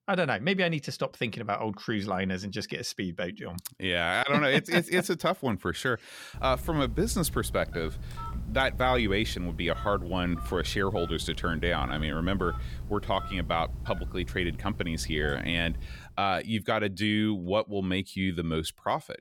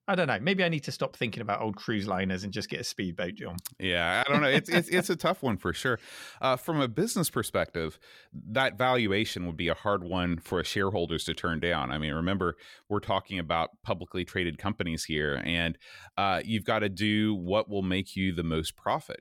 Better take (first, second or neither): second